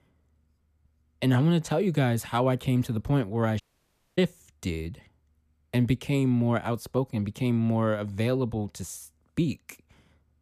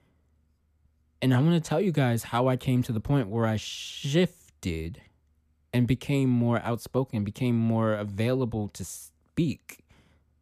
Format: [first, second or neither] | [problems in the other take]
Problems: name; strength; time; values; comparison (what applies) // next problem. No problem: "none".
second | audio cutting out; at 3.5 s for 0.5 s